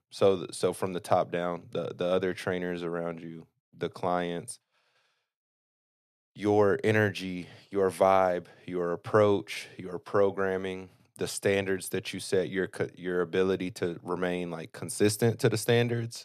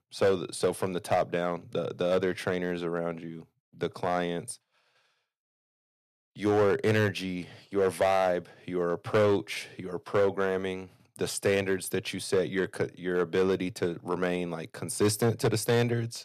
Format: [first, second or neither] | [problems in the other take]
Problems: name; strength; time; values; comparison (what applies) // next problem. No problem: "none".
first | distortion; slight; 3% of the sound clipped